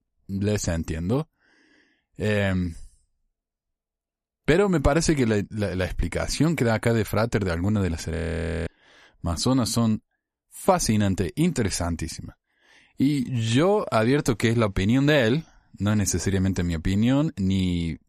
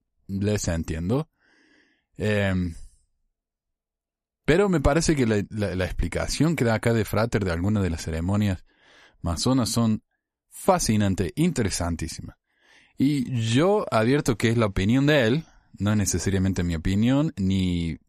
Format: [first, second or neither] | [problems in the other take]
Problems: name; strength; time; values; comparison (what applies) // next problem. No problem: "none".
second | audio freezing; at 8 s for 0.5 s